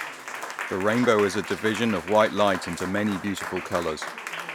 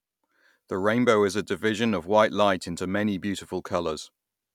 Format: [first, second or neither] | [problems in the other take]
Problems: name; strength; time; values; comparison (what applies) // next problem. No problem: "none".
second | background sound (Applause); 9 dB below the speech